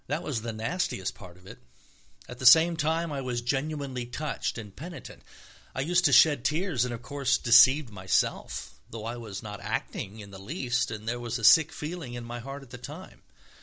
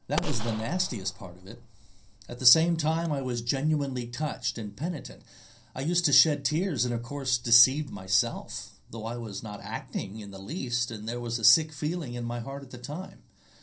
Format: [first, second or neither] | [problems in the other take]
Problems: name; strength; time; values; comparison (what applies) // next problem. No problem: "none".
first | background sound (Gunshot, gunfire); 5 dB below the speech // room echo; dies away in 0.3 s